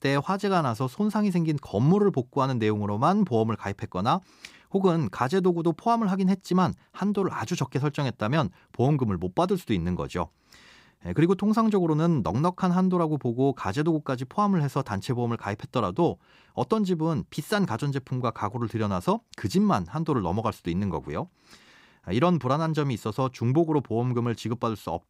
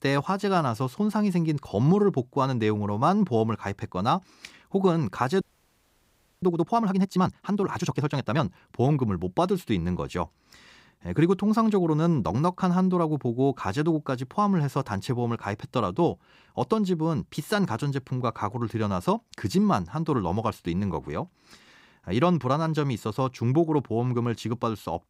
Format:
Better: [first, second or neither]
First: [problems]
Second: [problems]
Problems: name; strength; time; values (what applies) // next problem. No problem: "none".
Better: first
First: none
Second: audio freezing; at 5.5 s for 1 s